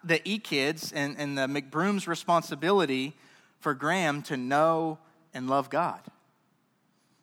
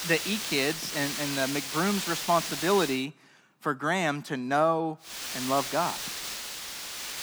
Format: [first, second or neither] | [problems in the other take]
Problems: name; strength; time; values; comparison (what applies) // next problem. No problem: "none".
first | hiss; loud; until 3 s and from 5 s on; 4 dB below the speech